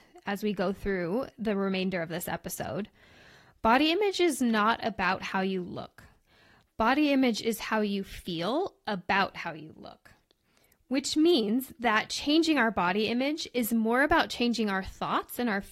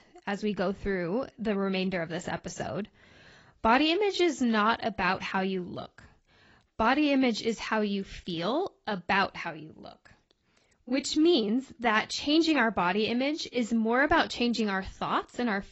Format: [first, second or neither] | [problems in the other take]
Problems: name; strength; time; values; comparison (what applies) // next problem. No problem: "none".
first | garbled, watery; badly; nothing above 8 kHz; slightly in the first